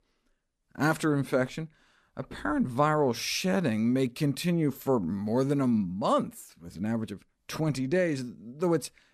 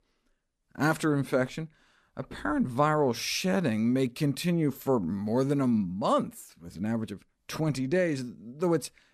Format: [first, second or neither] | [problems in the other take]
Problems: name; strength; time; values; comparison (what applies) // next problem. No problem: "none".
neither | none